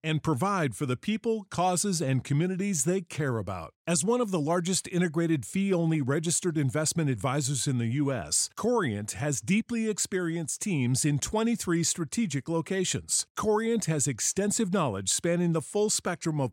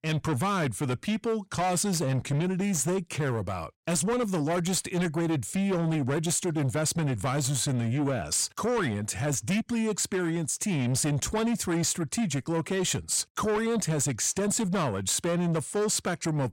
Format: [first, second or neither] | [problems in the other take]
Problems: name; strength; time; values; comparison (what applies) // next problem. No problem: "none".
first | distortion; slight; 10 dB below the speech